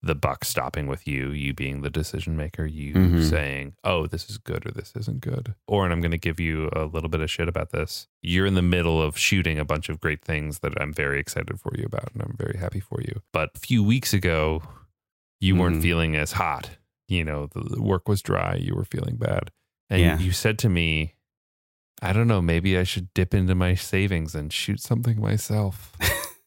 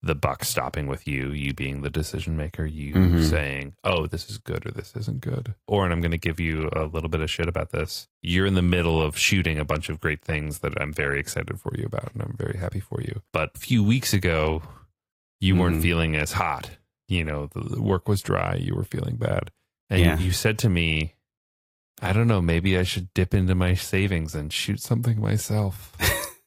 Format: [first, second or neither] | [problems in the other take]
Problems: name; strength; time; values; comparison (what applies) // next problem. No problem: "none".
first | garbled, watery; slightly; nothing above 15.5 kHz